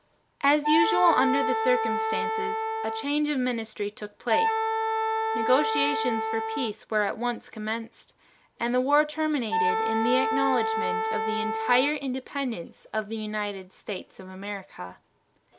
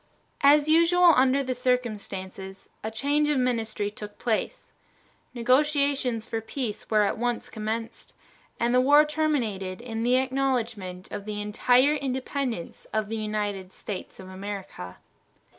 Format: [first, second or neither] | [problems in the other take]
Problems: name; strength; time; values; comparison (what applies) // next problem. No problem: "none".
second | background sound (Wind instrument, woodwind instrument); as loud as the speech